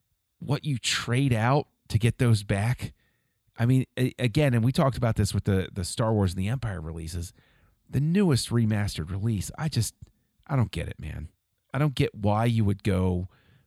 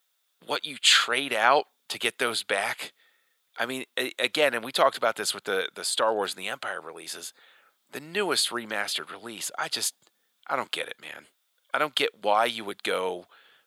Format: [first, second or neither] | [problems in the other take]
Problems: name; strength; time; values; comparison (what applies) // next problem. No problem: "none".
first | thin; very; fading below 500 Hz